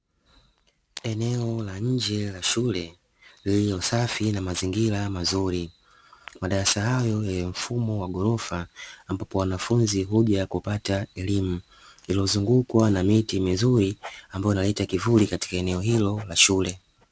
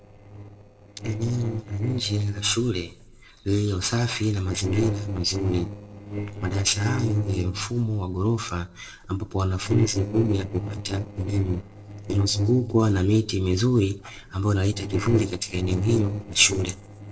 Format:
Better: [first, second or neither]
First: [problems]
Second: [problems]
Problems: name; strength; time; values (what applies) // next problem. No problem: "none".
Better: first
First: none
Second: noise reduction (neural separator model SepFormer DNS4)